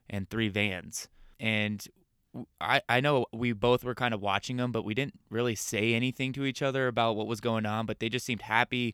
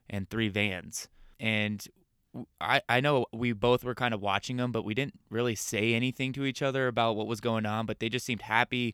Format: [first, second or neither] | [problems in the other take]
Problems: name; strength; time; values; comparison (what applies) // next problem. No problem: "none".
neither | none